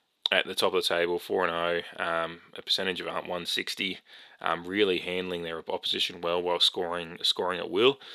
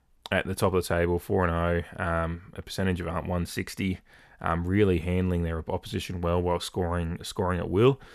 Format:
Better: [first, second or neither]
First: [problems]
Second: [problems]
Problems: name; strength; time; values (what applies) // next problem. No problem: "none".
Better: second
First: thin; somewhat; fading below 350 Hz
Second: none